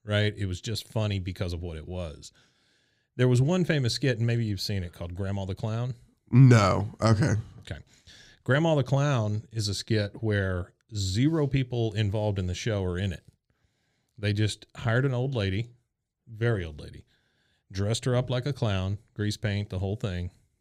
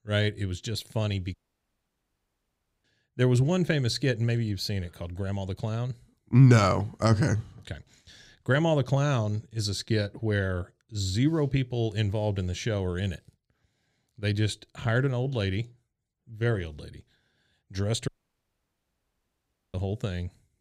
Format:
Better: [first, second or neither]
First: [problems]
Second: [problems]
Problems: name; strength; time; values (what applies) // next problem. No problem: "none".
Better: first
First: none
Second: audio cutting out; at 1.5 s for 1.5 s and at 18 s for 1.5 s